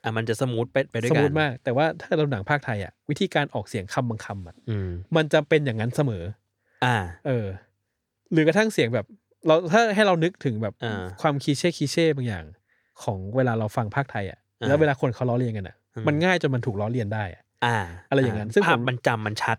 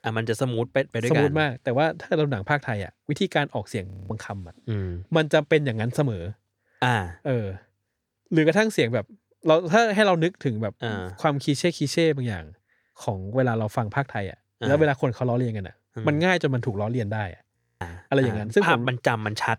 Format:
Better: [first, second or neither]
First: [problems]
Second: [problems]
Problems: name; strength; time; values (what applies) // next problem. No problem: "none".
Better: first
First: none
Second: audio freezing; at 4 s and at 18 s